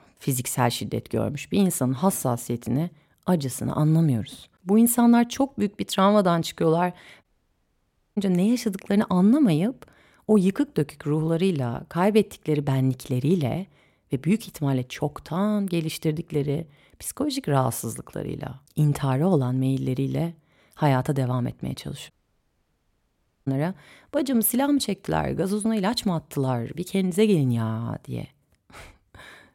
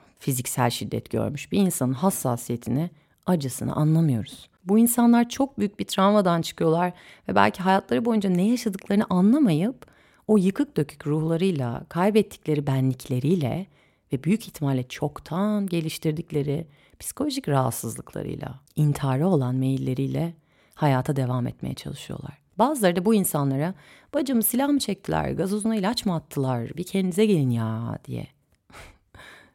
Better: second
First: audio cutting out; at 7 s for 1 s and at 22 s for 1.5 s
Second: none

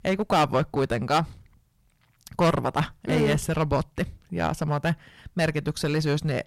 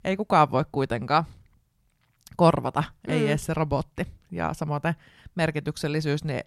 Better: second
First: distortion; heavy; 6% of the sound clipped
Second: none

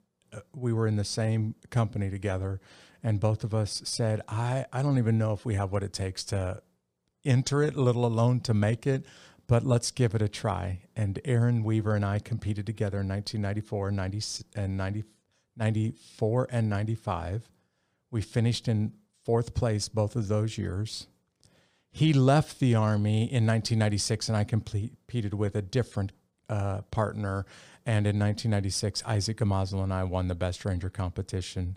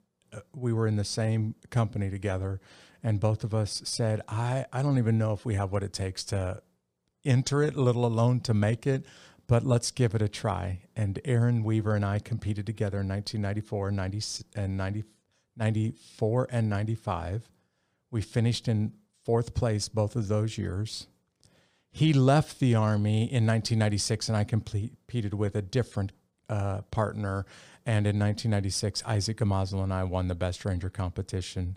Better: neither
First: none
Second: none

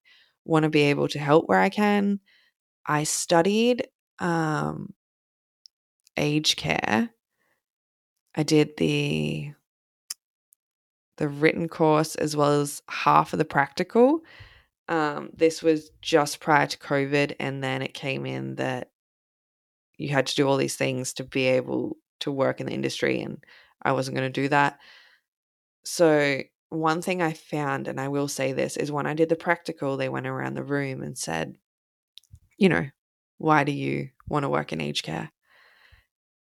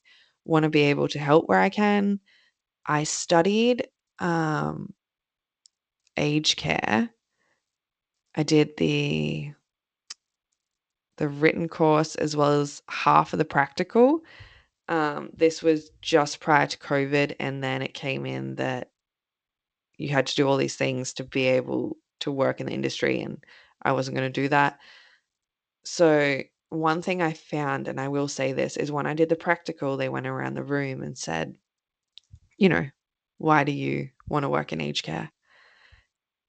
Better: first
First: none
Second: garbled, watery; slightly; nothing above 8 kHz

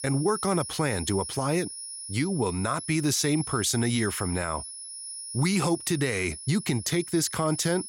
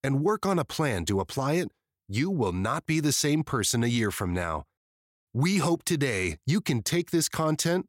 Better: second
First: high-pitched whine; loud; throughout; 10.5 kHz, 9 dB below the speech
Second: none

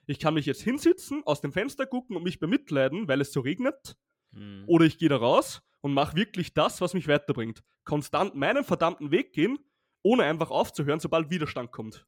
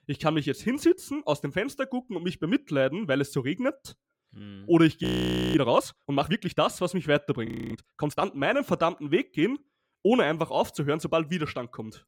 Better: first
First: none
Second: audio freezing; at 5 s for 0.5 s and at 7.5 s

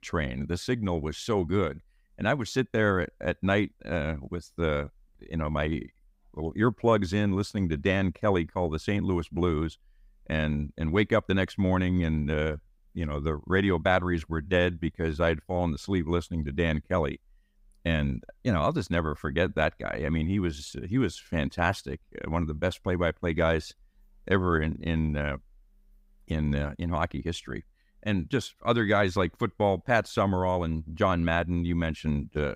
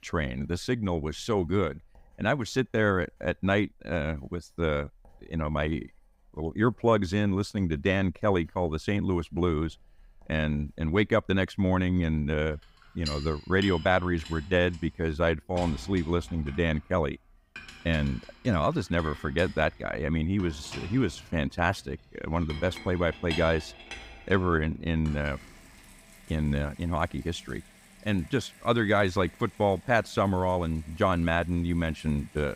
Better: first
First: none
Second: household noises; noticeable; throughout; 15 dB below the speech

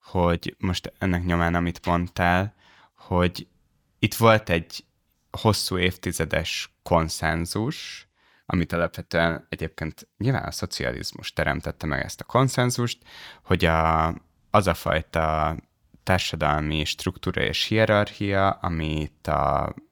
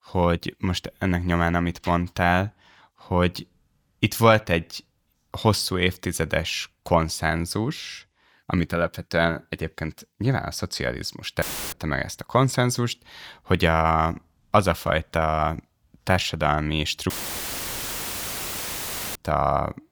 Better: first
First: none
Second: audio cutting out; filled with static; at 11 s and at 17 s for 2 s

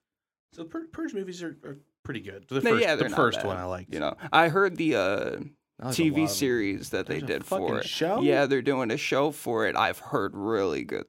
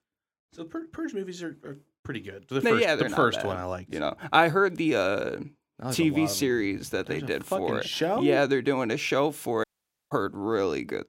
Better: first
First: none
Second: audio cutting out; at 9.5 s

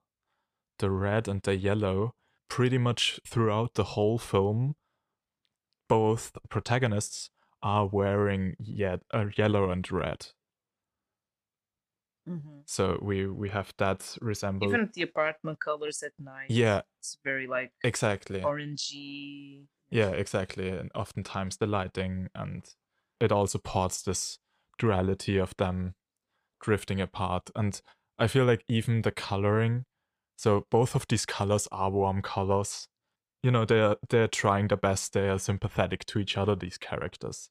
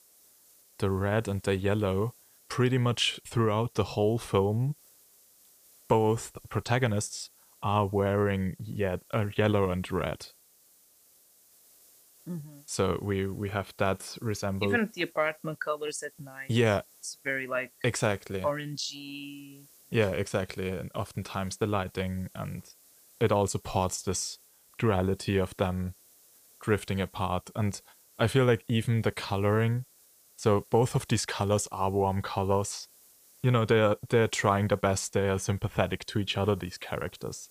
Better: first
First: none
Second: hiss; faint; throughout; 25 dB below the speech

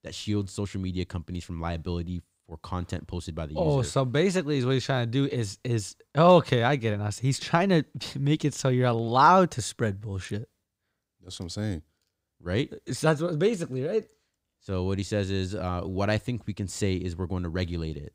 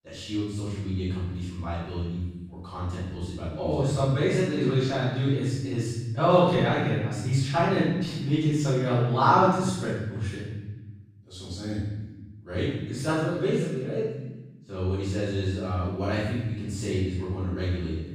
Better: first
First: none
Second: off-mic speech; far // room echo; strong; dies away in 1.1 s

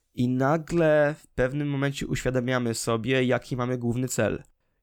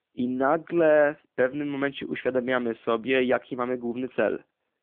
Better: first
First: none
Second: phone-call audio; nothing above 3.5 kHz

